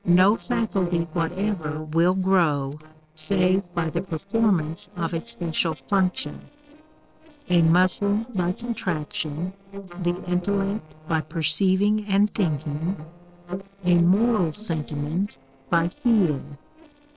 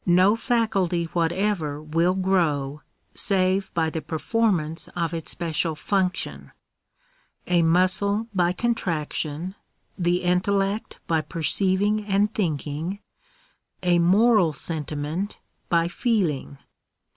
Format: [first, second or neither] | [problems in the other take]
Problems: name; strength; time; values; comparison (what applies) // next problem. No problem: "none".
second | noise reduction (neural separator model SepFormer DNS4)